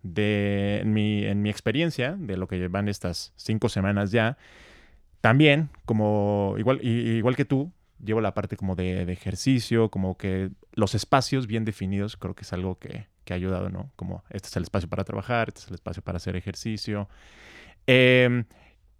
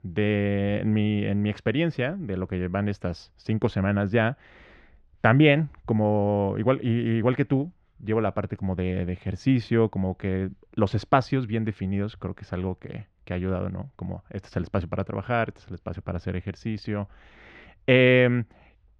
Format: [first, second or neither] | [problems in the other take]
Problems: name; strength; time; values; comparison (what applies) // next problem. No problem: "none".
first | muffled; slightly; fading above 2.5 kHz